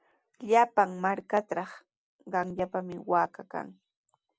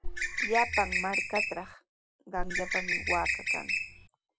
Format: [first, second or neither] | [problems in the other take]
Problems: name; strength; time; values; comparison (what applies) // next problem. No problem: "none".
first | background sound (Bird); 3 dB above the speech